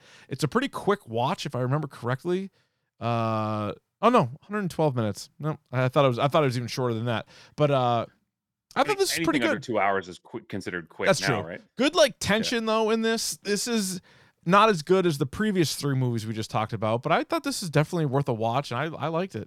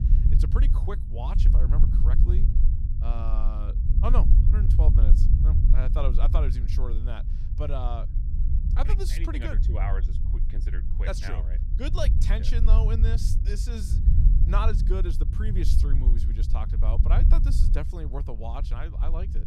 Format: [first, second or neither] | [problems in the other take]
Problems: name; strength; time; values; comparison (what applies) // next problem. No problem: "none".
first | low rumble; loud; throughout; 6 dB below the speech